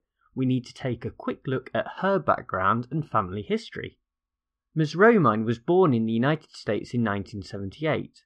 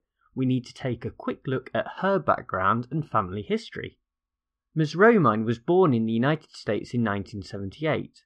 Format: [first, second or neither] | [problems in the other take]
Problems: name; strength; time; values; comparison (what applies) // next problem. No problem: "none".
neither | muffled; slightly; fading above 3 kHz; the same in both